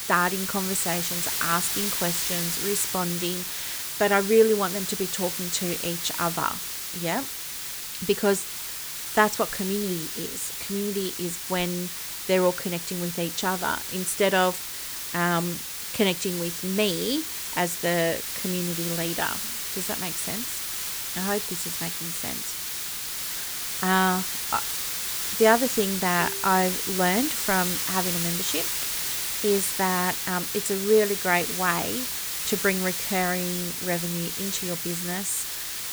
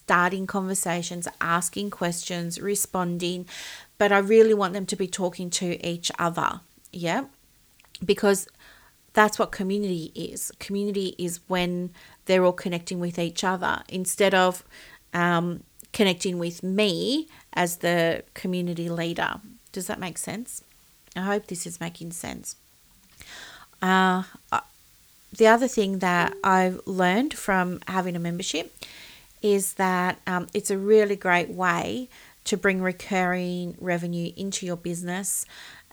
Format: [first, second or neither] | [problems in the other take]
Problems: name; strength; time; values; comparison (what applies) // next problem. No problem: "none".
second | hiss; loud; throughout; 1 dB below the speech; faint in the second